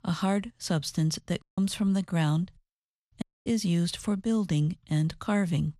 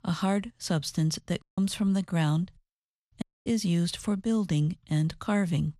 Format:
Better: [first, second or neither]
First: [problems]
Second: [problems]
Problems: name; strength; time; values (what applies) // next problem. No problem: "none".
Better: neither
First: audio cutting out; at 1.5 s and at 3 s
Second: audio cutting out; at 1.5 s and at 3 s